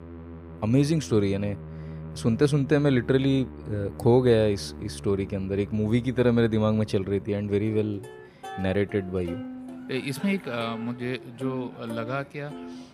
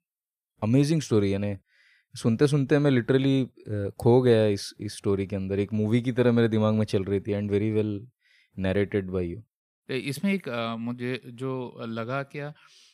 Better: second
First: background music; noticeable; throughout; 15 dB below the speech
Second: none

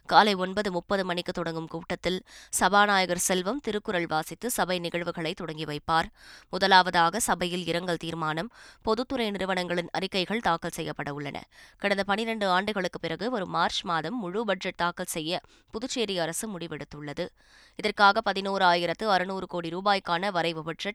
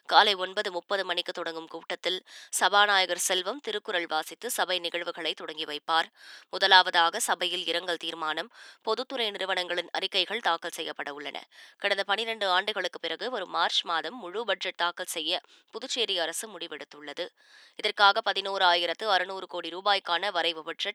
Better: first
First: none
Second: thin; somewhat; fading below 350 Hz

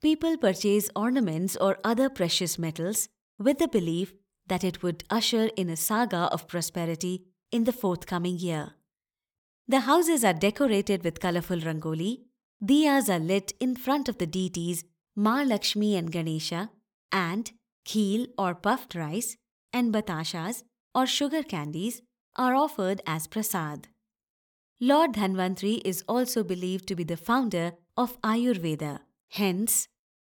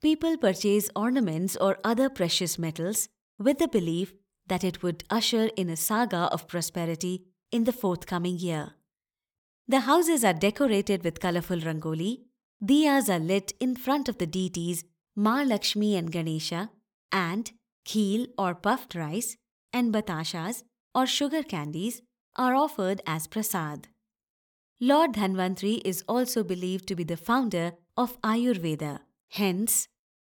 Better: neither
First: none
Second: none

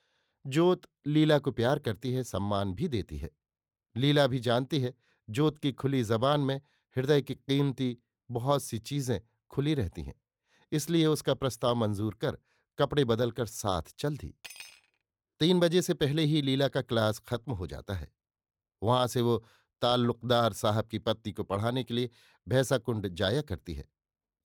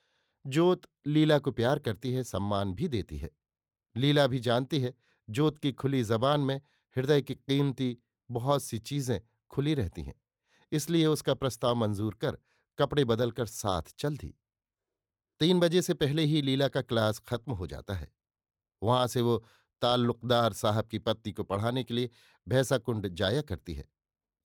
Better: second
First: clattering dishes; faint; at 14 s; peak 15 dB below the speech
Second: none

